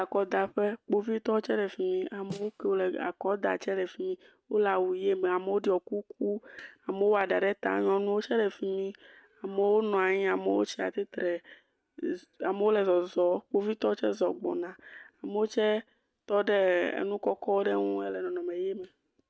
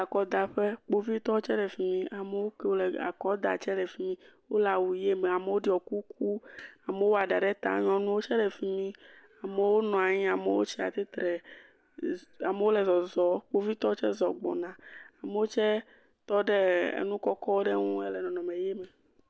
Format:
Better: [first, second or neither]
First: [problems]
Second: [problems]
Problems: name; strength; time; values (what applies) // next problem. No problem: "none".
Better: second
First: noise reduction (neural mask model RNNoise)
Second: none